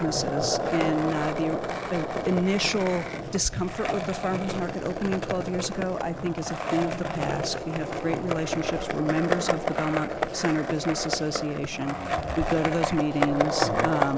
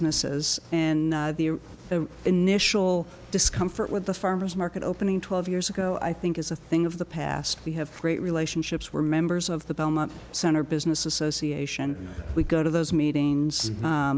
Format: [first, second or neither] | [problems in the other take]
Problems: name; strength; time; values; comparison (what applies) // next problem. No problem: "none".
second | background sound (Skateboard); 1 dB below the speech